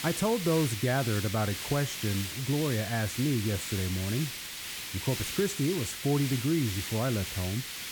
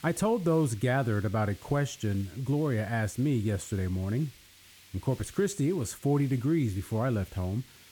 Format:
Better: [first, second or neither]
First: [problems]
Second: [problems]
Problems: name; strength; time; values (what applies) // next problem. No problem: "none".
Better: second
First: hiss; loud; throughout; 5 dB below the speech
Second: hiss; faint; throughout; 20 dB below the speech